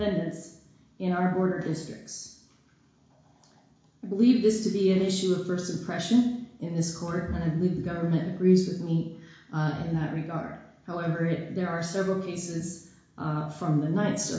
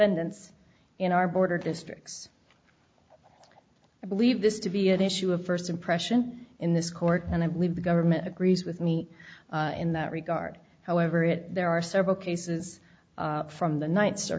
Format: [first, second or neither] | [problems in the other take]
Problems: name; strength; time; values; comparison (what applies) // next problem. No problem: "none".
second | room echo; dies away in 0.7 s